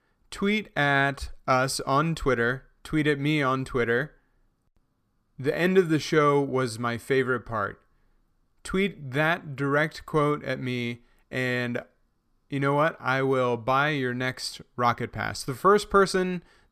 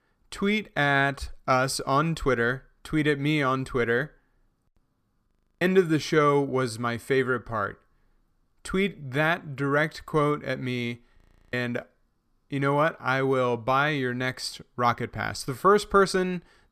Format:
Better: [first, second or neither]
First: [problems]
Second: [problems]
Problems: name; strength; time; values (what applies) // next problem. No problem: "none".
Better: first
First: none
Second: audio freezing; at 5.5 s and at 11 s